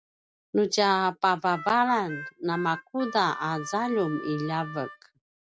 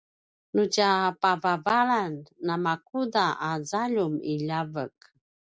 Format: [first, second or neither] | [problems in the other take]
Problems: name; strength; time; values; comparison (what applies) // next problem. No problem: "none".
second | background sound (Harmonica); 13 dB below the speech